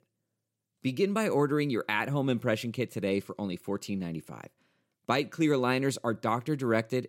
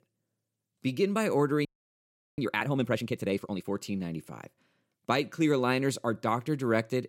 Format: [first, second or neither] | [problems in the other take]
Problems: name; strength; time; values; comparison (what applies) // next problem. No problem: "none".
first | audio freezing; at 1.5 s for 0.5 s